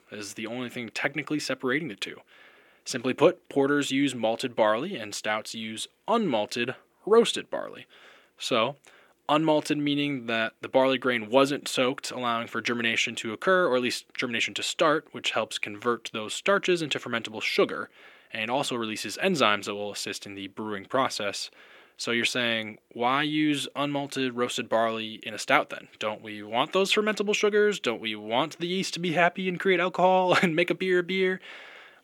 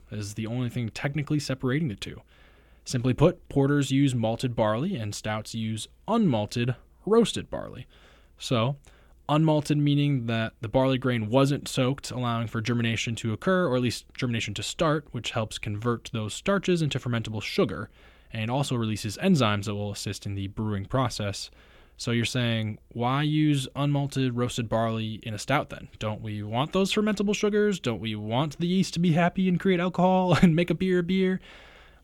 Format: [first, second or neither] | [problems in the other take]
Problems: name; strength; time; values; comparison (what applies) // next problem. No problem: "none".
second | thin; somewhat; fading below 350 Hz